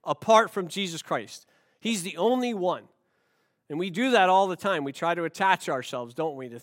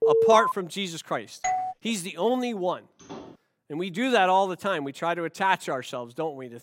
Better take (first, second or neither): first